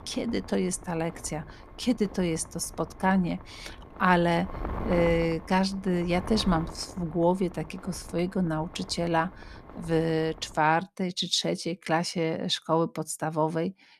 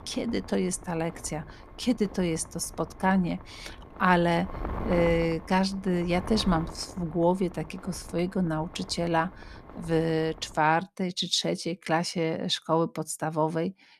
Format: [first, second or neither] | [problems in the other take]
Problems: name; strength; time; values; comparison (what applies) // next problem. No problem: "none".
neither | wind noise on the microphone; occasional gusts; until 11 s; 15 dB below the speech; the same in both